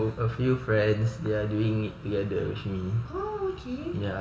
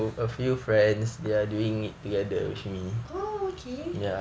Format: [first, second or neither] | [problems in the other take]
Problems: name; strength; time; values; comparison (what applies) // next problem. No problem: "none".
second | room echo; dies away in 1.7 s